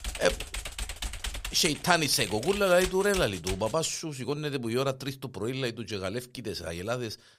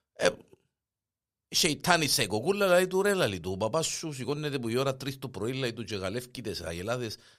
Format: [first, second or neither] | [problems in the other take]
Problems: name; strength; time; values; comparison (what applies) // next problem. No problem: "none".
second | keyboard typing; noticeable; until 3.5 s; peak 6 dB below the speech